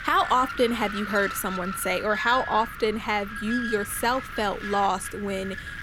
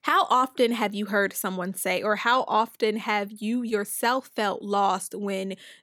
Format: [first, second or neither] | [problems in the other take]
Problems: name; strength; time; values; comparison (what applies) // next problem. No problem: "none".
second | wind noise on the microphone; heavy; 7 dB below the speech